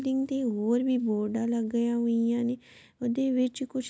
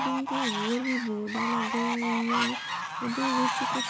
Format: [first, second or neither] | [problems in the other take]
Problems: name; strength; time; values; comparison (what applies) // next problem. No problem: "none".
first | background sound (Fowl); 1 dB above the speech